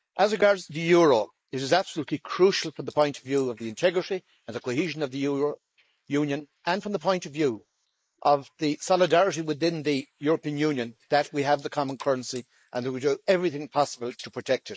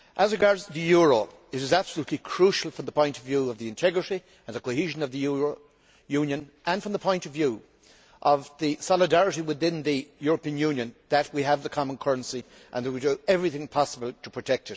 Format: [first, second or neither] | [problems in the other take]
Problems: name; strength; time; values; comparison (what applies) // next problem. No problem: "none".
second | noise reduction (neural mask model Resemble Enhance denoiser)